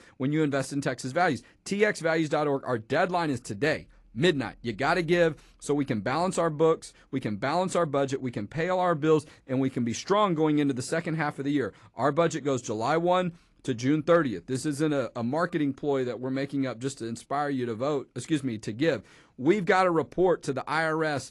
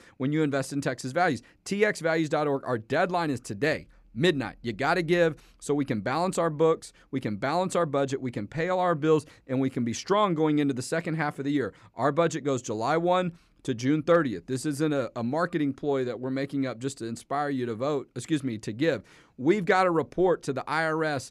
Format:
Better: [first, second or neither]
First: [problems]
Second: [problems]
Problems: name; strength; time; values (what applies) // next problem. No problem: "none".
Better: second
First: garbled, watery; slightly; nothing above 11 kHz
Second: none